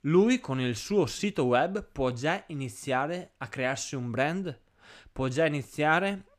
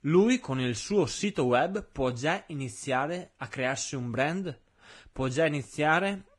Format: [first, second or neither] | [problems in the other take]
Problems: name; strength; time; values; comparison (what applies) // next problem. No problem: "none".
first | garbled, watery; badly